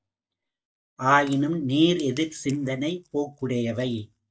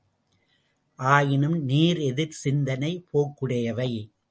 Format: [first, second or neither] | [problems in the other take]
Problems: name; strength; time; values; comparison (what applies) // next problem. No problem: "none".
second | noise reduction (neural mask model DeepFilterNet 3)